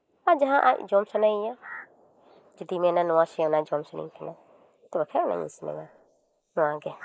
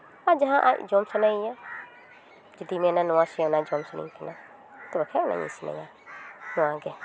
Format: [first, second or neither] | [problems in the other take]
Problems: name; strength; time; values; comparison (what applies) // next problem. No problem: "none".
second | noise reduction (neural mask model Resemble Enhance denoiser)